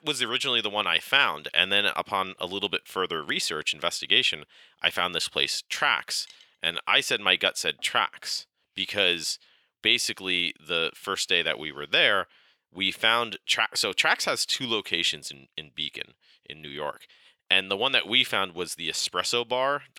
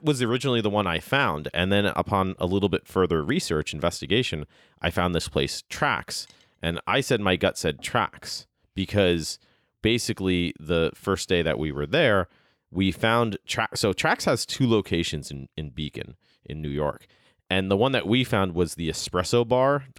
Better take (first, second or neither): second